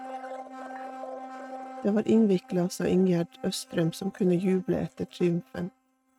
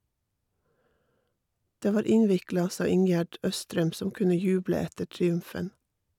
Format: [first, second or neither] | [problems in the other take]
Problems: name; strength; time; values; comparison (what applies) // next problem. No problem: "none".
second | noise reduction (neural mask model RNNoise)